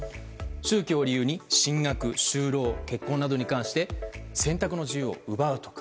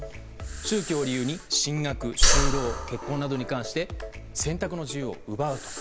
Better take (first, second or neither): first